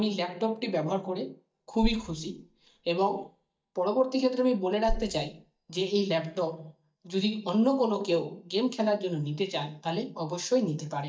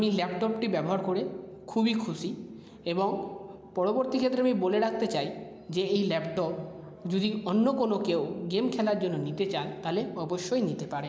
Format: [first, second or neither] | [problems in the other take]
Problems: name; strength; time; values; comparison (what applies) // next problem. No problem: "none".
second | noise reduction (neural mask model DeepFilterNet 3)